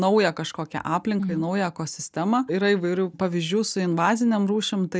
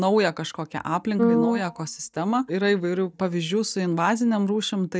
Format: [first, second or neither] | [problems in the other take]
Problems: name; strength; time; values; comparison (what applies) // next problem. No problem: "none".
first | noise reduction (neural mask model DeepFilterNet 3)